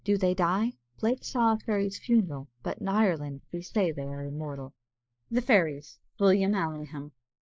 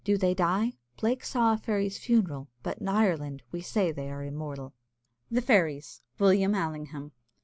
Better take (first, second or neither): second